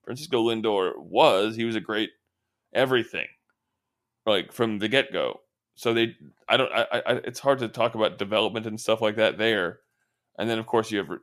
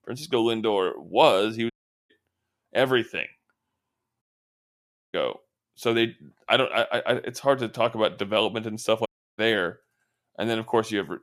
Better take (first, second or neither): first